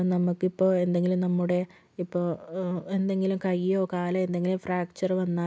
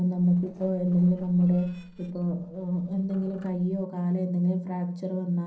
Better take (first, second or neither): first